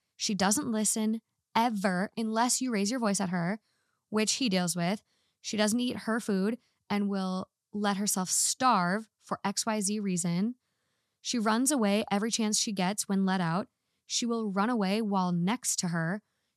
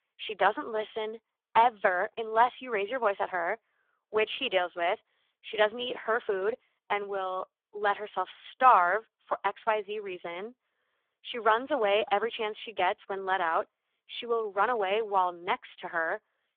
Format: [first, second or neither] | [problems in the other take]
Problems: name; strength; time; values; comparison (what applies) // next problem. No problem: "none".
first | phone-call audio; poor line